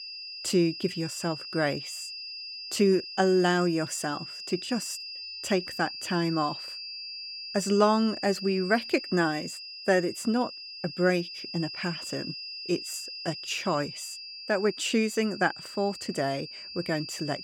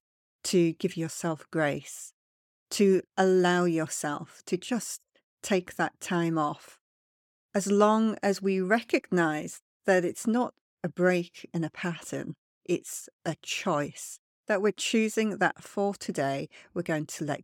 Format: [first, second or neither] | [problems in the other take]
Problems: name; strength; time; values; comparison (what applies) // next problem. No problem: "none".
second | high-pitched whine; loud; throughout; 5 kHz, 9 dB below the speech